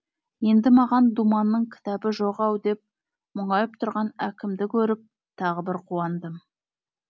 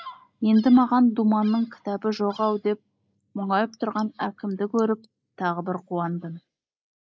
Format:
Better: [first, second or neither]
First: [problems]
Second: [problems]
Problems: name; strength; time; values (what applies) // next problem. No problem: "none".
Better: first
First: none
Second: noise reduction (neural mask model Resemble Enhance denoiser)